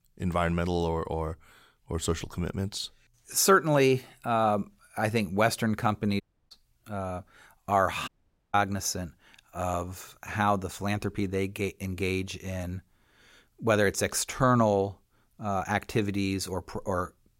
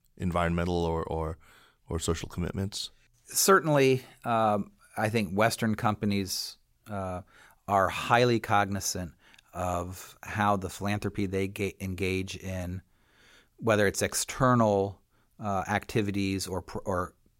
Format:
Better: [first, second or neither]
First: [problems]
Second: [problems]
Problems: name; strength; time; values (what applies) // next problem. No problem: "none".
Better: second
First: audio cutting out; at 6 s and at 8 s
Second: none